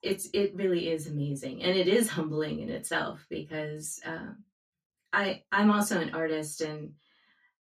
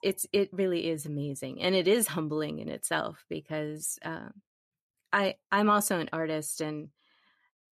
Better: second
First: room echo; very slight; dies away in 0.2 s // off-mic speech; far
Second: none

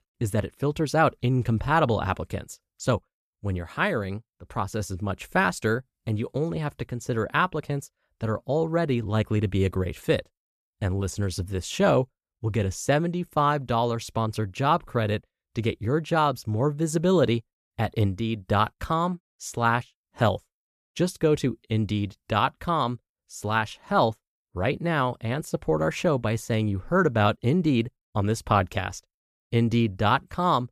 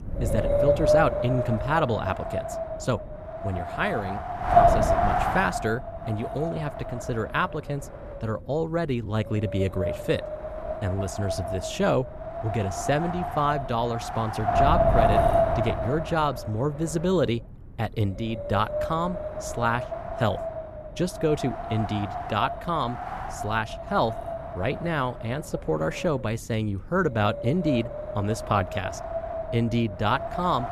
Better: first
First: none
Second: wind noise on the microphone; heavy; 1 dB above the speech

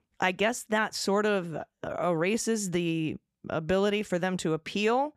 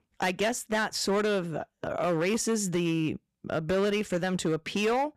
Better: first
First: none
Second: distortion; slight; 10% of the sound clipped

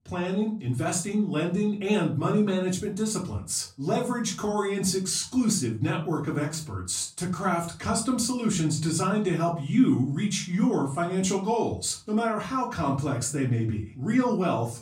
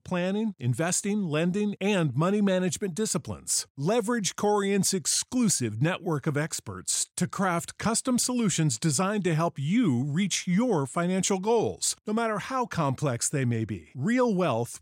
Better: second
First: off-mic speech; far // room echo; slight; dies away in 0.3 s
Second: none

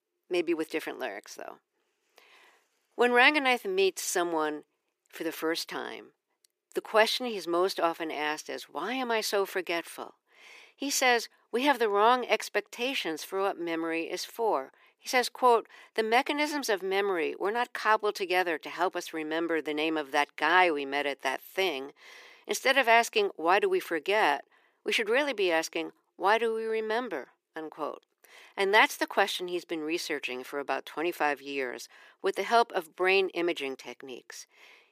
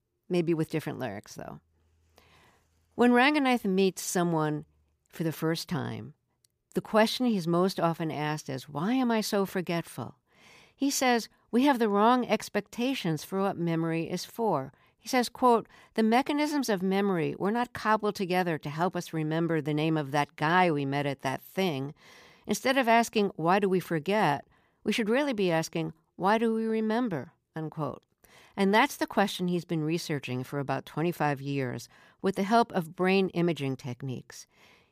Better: second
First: thin; somewhat; fading below 350 Hz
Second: none

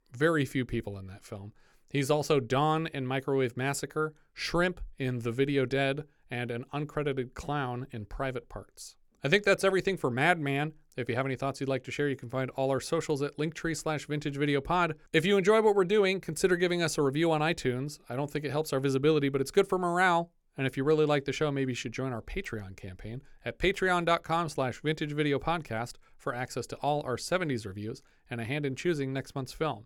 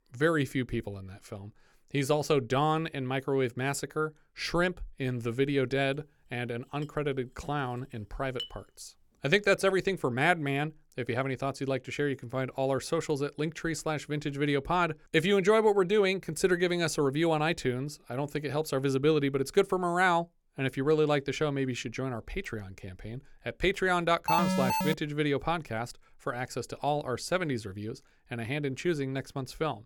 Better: first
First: none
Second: clattering dishes; faint; from 7 to 8.5 s; peak 10 dB below the speech // alarm; loud; at 24 s; peak 2 dB above the speech

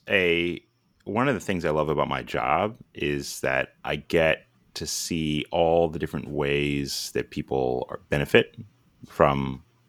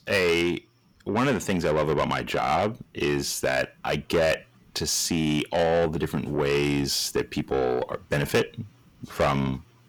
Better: first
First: none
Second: distortion; heavy; 6 dB below the speech

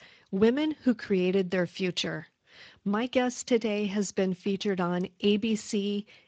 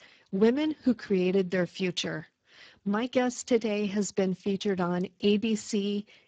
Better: first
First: garbled, watery; slightly; nothing above 7.5 kHz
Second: garbled, watery; badly; nothing above 7.5 kHz

